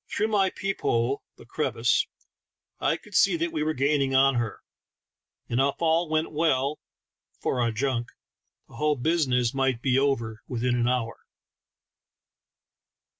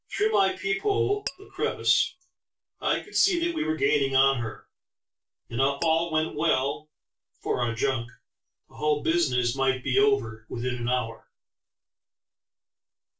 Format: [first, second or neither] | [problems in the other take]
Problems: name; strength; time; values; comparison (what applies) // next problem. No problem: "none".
first | noise reduction (neural separator model SepFormer DNS4)